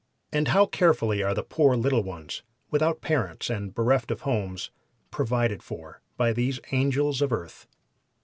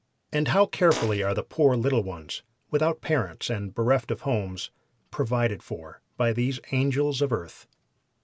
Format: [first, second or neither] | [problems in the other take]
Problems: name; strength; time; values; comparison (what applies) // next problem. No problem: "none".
first | background sound (Fart); 8 dB below the speech